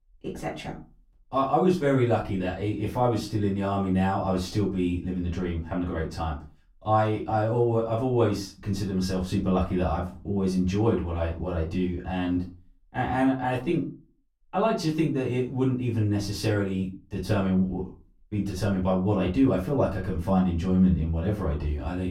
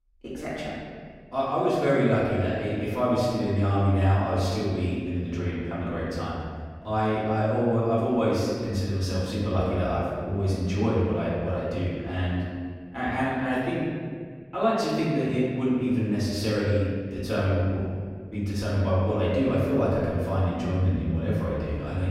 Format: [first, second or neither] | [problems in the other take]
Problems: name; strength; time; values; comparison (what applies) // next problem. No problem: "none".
first | room echo; strong; dies away in 1.8 s; slight in the first // off-mic speech; far; far in the first